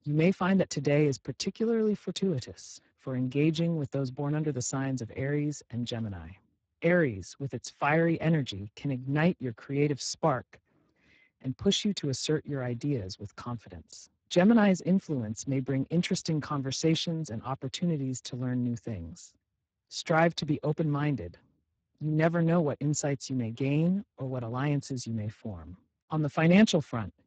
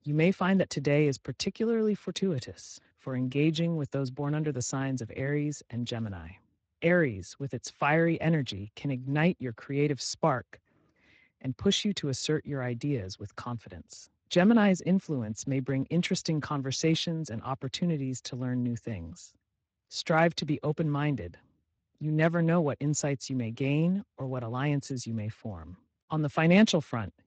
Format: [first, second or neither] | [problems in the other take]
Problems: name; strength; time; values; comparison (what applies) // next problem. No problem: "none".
second | garbled, watery; badly; nothing above 7.5 kHz; slightly in the second